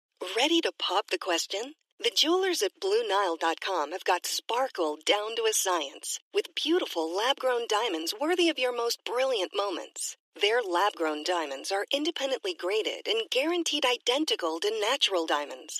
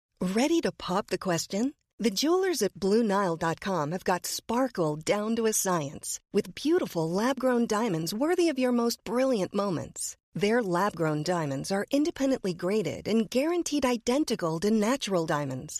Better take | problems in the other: second | thin; very; fading below 300 Hz

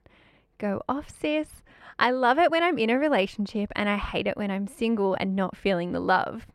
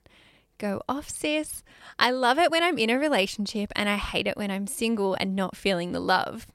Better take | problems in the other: second | muffled; slightly; fading above 3.5 kHz

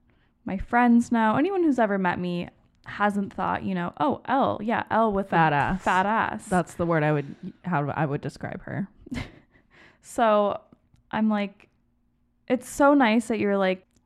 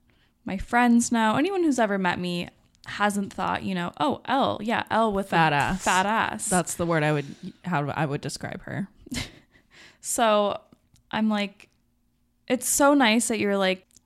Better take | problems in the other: second | muffled; slightly; fading above 3 kHz

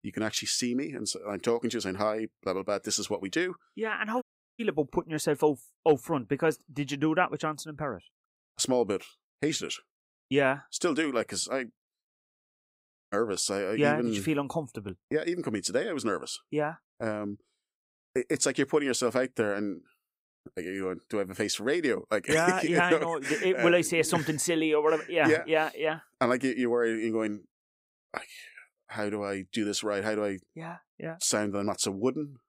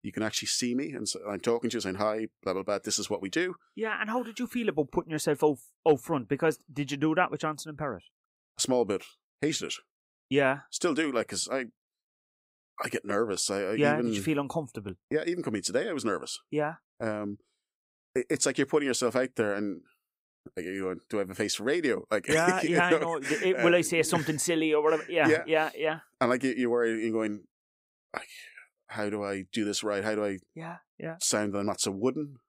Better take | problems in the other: second | audio cutting out; at 4 s and at 13 s

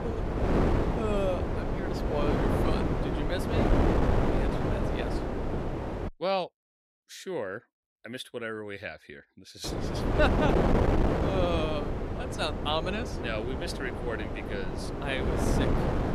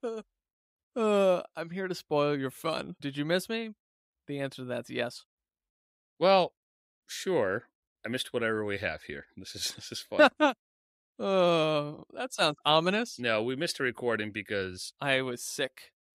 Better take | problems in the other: second | wind noise on the microphone; heavy; until 6 s and from 9.5 s on; 1 dB above the speech

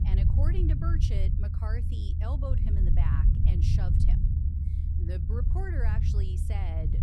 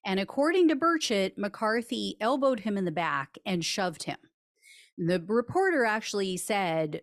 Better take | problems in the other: second | low rumble; loud; throughout; as loud as the speech

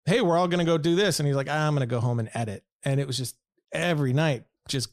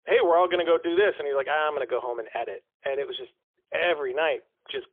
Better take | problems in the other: first | phone-call audio; poor line; nothing above 3.5 kHz

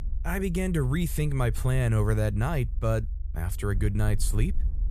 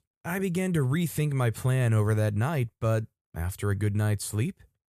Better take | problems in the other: second | low rumble; faint; throughout; 20 dB below the speech

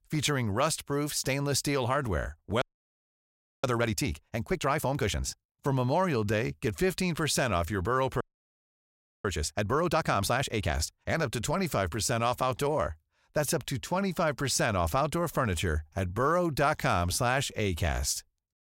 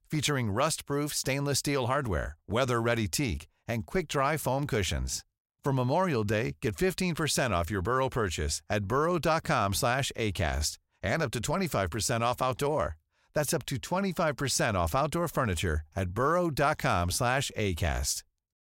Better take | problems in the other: second | audio freezing; at 2.5 s for 1 s and at 8 s for 1 s

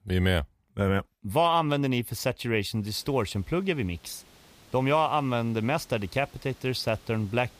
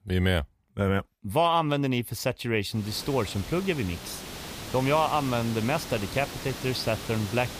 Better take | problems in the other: first | hiss; loud; from 3 s on; 10 dB below the speech; faint in the first

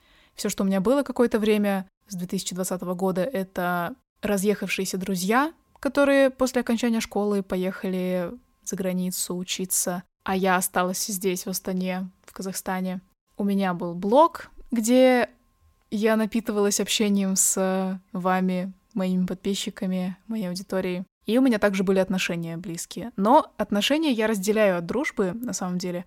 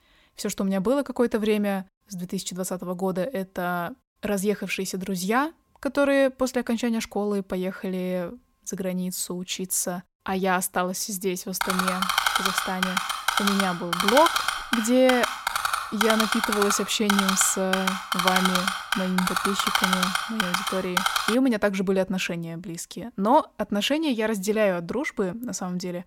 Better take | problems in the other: first | keyboard typing; loud; from 12 to 21 s; peak 4 dB above the speech

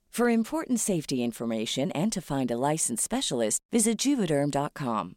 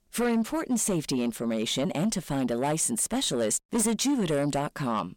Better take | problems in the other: first | distortion; slight; 10 dB below the speech

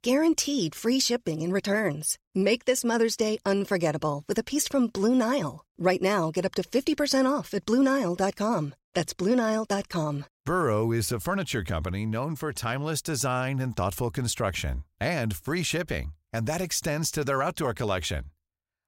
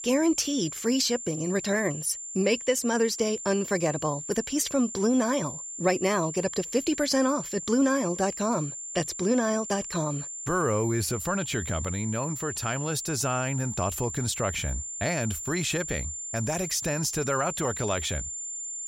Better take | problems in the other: first | high-pitched whine; loud; throughout; 7 kHz, 7 dB below the speech

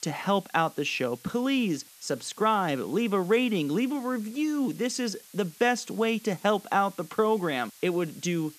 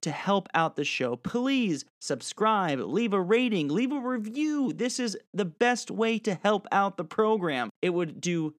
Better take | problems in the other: second | hiss; faint; throughout; 20 dB below the speech

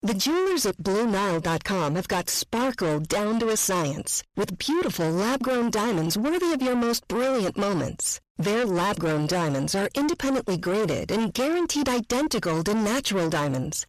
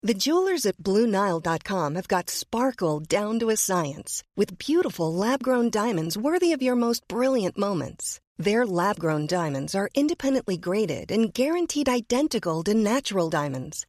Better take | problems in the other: second | distortion; heavy; 6 dB below the speech

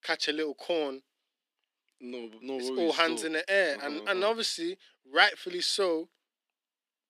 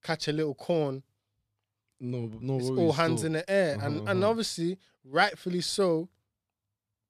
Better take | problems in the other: second | thin; somewhat; fading below 250 Hz

